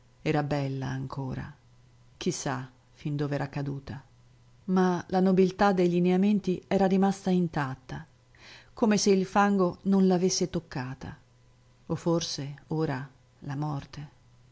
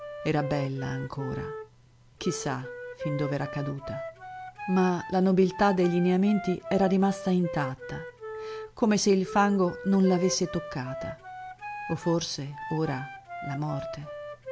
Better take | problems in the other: first | background sound (Wind instrument, woodwind instrument); 11 dB below the speech

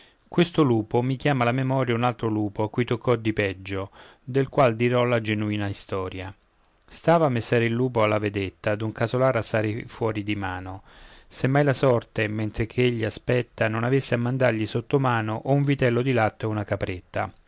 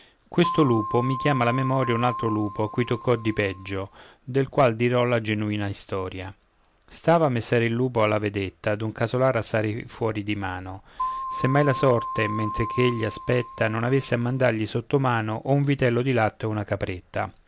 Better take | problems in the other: first | background sound (Keyboard (musical)); 8 dB below the speech

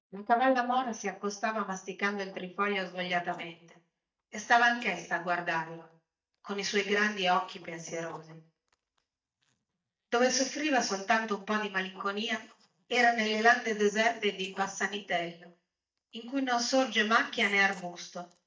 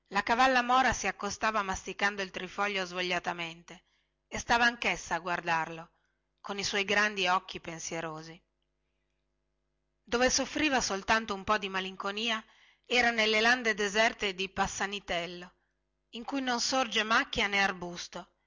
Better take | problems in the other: second | noise reduction (neural mask model DeepFilterNet 3)

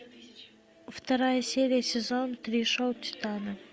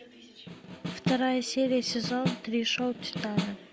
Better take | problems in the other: first | background sound (Snare drum); 5 dB below the speech

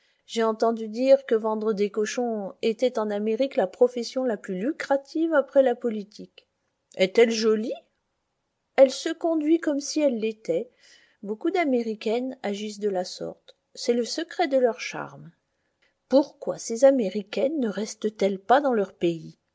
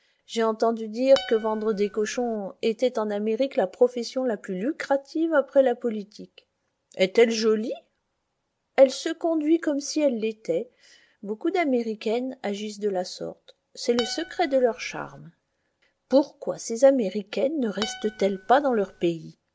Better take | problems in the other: first | background sound (Acoustic guitar); 14 dB below the speech

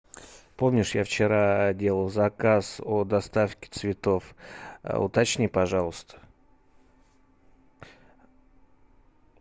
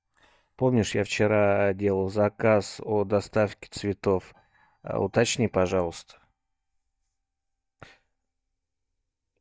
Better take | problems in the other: first | noise reduction (neural mask model DeepFilterNet 3)

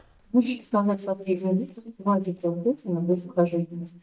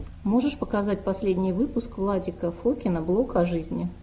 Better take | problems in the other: second | noise reduction (neural mask model DeepFilterNet 3)

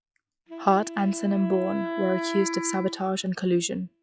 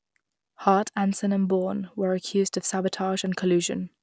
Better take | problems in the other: second | noise reduction (classical method log-MMSE)

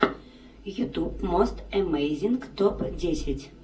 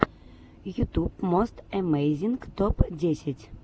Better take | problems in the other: second | room echo; dies away in 0.2 s

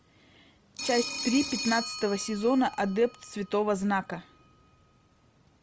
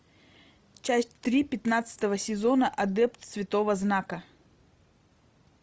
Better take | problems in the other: second | background sound (Telephone); 10 dB below the speech

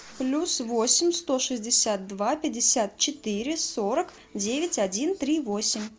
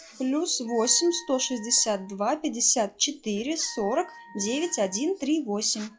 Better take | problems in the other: first | noise reduction (classical method log-MMSE)

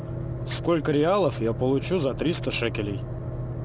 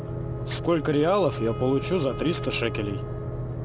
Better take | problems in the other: first | background sound (Wind instrument, woodwind instrument); 13 dB below the speech

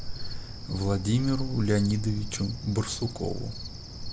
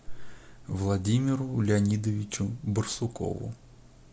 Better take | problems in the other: second | background sound (Cricket); 7 dB below the speech

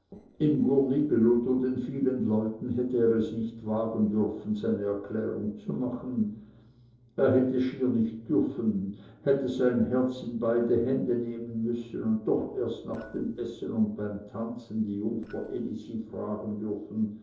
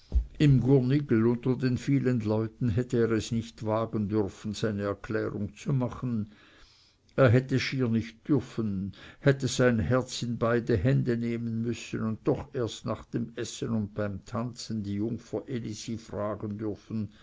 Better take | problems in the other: second | noise reduction (neural separator model SepFormer DNS4)

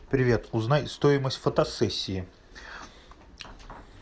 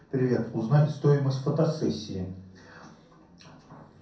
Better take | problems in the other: first | room echo; dies away in 0.5 s

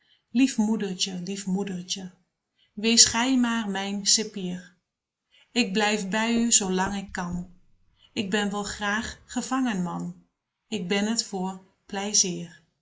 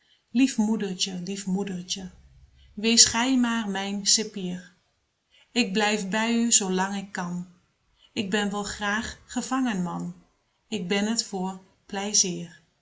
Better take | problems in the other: second | noise reduction (neural mask model Resemble Enhance denoiser)

